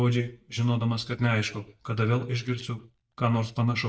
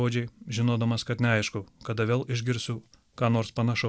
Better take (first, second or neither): second